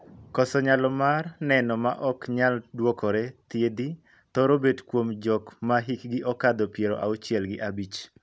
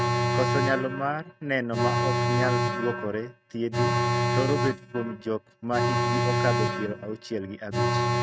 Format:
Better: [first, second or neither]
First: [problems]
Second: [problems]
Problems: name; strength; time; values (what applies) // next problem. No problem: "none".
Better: first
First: none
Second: noise reduction (neural mask model RNNoise)